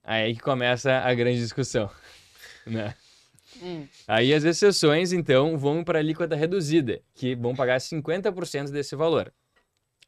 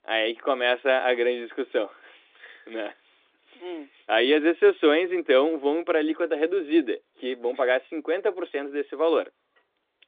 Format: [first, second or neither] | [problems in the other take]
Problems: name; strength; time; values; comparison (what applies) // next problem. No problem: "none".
first | phone-call audio; nothing above 3.5 kHz